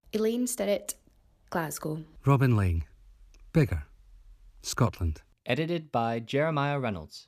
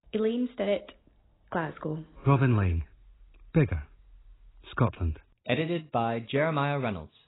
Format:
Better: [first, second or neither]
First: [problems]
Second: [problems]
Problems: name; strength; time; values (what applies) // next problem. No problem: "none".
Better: first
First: none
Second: garbled, watery; badly; nothing above 4 kHz